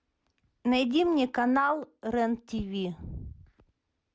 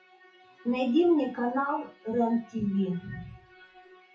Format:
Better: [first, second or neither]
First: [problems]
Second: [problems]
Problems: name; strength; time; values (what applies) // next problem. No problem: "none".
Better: first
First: none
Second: noise reduction (classical method WPE with log-MMSE)